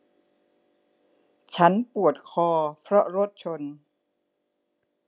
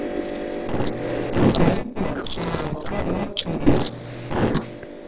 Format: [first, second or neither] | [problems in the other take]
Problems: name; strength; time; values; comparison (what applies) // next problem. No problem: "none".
first | noise reduction (neural separator model SepFormer DNS4)